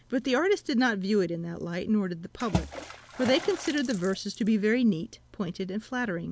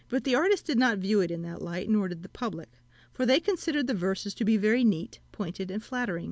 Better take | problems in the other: second | background sound (Water / Splash, splatter); 13 dB below the speech

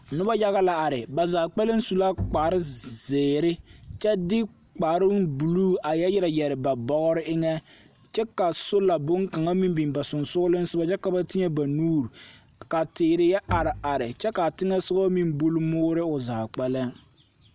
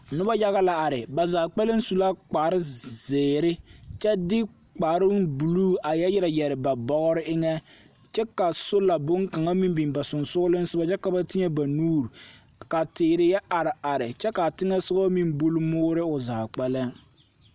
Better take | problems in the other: second | background sound (Bowed string instrument); 11 dB below the speech

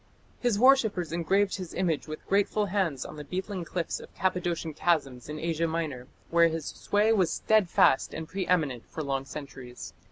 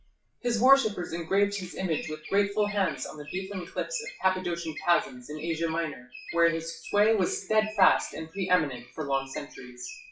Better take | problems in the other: first | noise reduction (classical method WPE with log-MMSE)

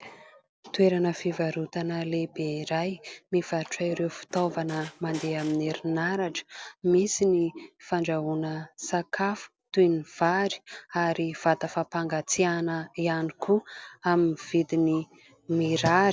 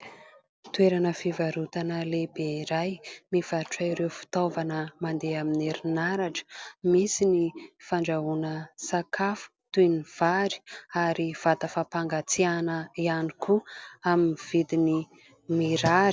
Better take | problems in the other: second | background sound (Squeak); 19 dB below the speech

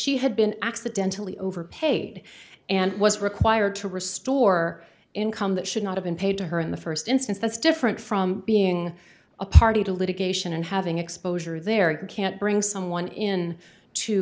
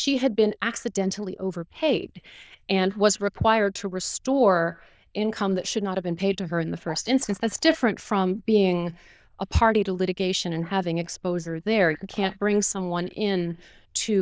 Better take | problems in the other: first | noise reduction (neural diffusion model UNIVERSE++)

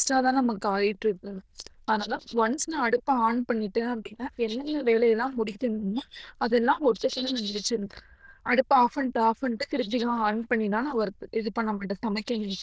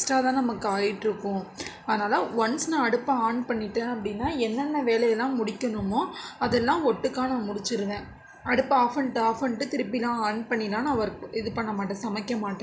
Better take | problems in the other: second | noise reduction (neural diffusion model UNIVERSE++)

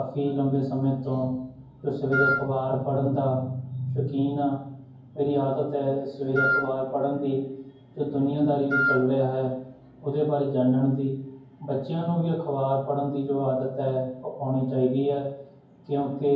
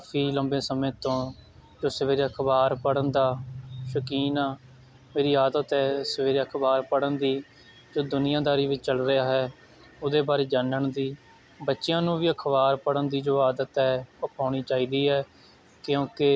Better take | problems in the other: second | background sound (Wind instrument, woodwind instrument); as loud as the speech // room echo; dies away in 0.9 s

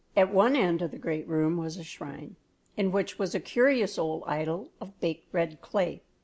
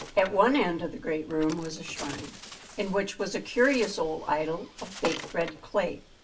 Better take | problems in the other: first | background sound (Bird); 14 dB below the speech // room echo; dies away in 0.2 s

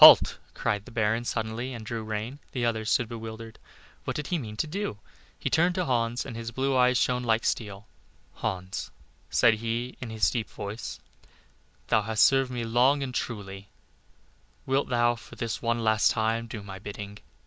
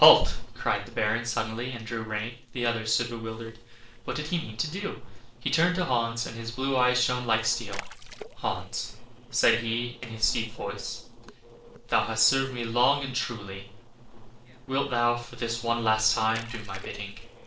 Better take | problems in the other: first | noise reduction (neural separator model SepFormer DNS4)

